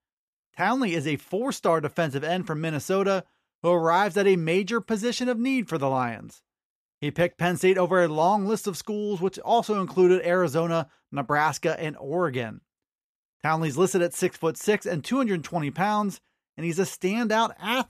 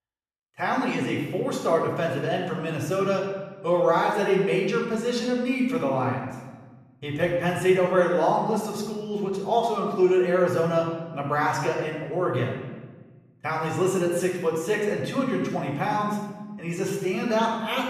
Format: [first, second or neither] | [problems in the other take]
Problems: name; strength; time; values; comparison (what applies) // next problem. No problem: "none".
first | off-mic speech; far // room echo; noticeable; dies away in 1.1 s